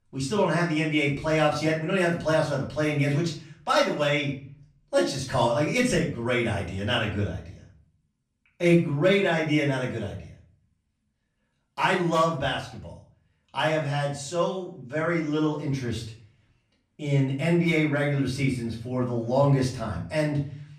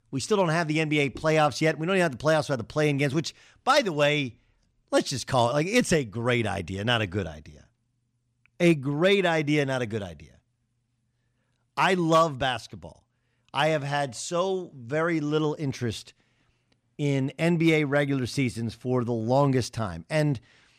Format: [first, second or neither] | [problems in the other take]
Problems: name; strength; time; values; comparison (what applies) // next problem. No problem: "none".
second | room echo; slight; dies away in 0.4 s // off-mic speech; far